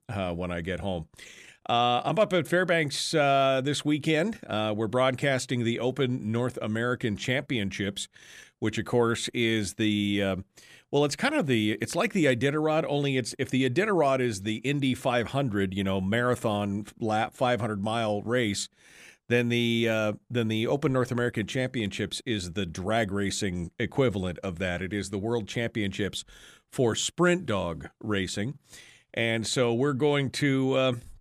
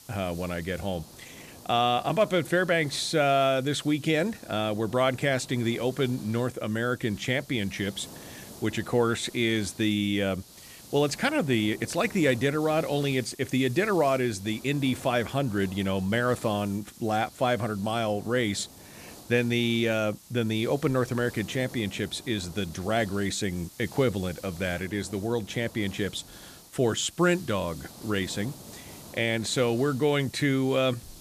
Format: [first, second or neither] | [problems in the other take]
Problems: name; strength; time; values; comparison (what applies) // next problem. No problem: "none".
first | hiss; noticeable; throughout; 20 dB below the speech